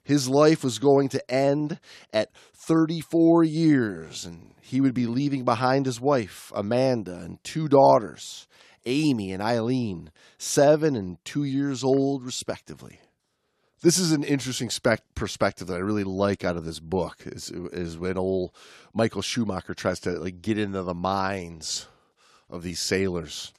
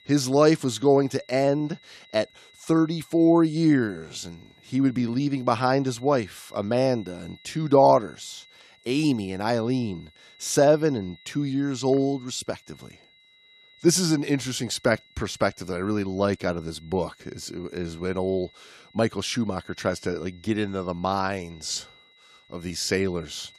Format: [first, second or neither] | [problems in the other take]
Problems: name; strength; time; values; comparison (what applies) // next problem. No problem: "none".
first | high-pitched whine; faint; throughout; 4 kHz, 30 dB below the speech